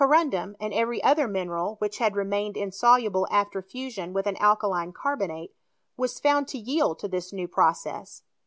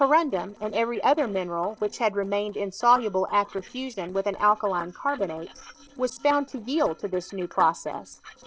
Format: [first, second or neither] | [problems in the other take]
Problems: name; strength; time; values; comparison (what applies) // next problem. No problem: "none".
first | noise reduction (neural separator model SepFormer DNS4)